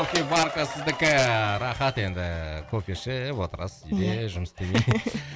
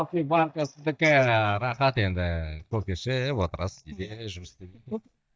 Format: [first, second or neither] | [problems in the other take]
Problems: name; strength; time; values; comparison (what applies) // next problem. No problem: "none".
first | noise reduction (neural mask model DeepFilterNet 3)